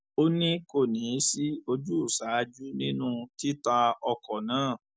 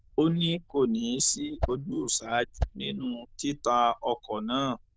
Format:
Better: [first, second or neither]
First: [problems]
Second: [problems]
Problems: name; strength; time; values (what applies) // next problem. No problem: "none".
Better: first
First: none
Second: noise reduction (neural diffusion model UNIVERSE++)